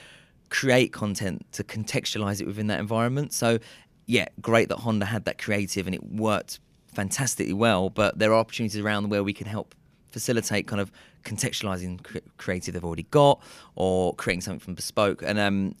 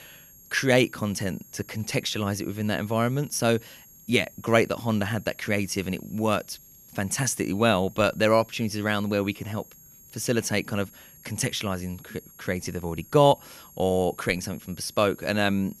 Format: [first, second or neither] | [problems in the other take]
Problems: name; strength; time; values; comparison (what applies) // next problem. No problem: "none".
first | high-pitched whine; faint; throughout; 11.5 kHz, 20 dB below the speech